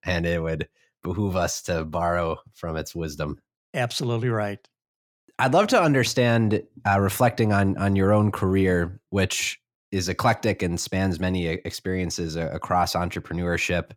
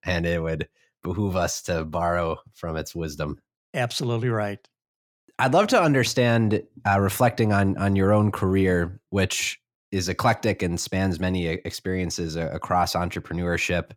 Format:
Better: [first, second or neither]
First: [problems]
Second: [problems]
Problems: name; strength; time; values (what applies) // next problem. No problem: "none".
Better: neither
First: none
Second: none